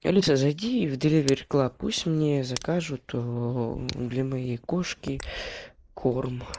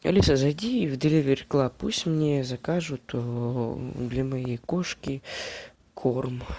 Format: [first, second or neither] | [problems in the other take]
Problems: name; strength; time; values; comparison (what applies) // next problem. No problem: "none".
second | noise reduction (neural mask model Resemble Enhance denoiser)